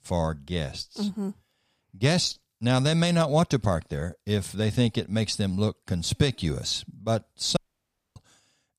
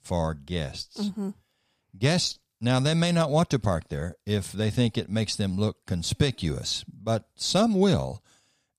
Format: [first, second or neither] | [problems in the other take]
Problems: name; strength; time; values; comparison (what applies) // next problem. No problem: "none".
second | audio cutting out; at 7.5 s for 0.5 s